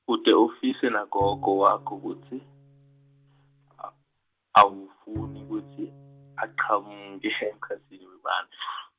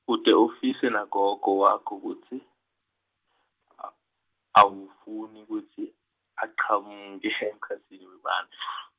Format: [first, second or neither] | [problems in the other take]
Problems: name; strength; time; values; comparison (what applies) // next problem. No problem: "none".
second | background sound (Bowed string instrument); 18 dB below the speech